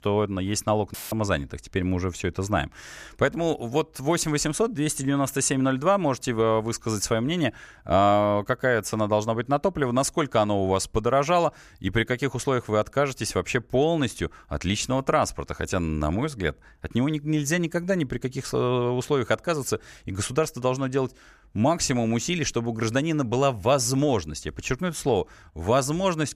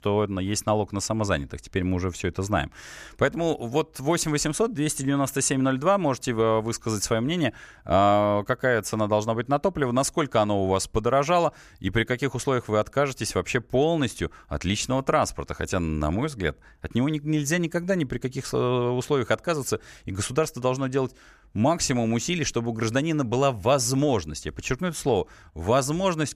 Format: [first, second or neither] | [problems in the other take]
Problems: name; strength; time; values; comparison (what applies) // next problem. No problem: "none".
second | audio cutting out; filled with static; at 1 s